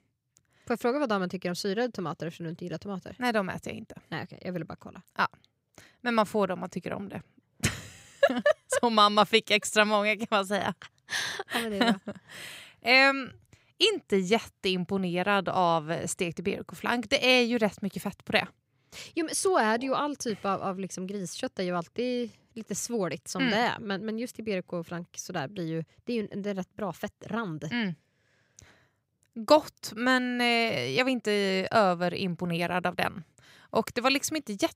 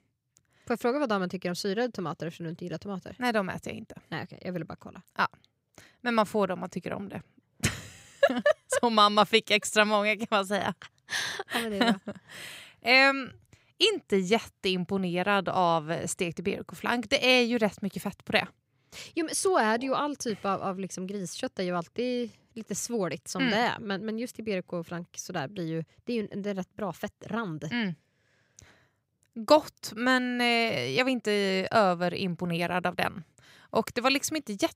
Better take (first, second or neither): neither